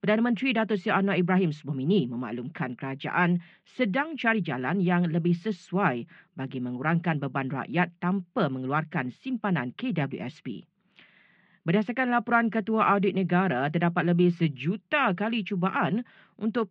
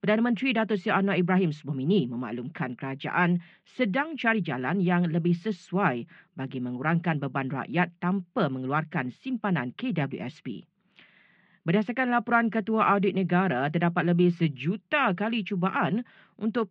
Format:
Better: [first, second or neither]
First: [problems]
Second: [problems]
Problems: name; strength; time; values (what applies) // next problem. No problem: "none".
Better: neither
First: muffled; very; fading above 3.5 kHz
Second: muffled; very; fading above 3.5 kHz